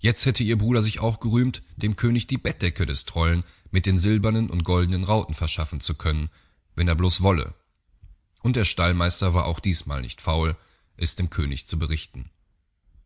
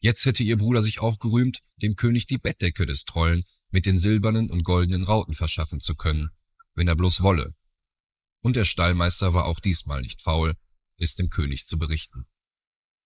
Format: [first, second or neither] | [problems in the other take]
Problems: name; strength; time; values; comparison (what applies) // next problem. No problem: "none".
first | noise reduction (neural mask model Resemble Enhance denoiser)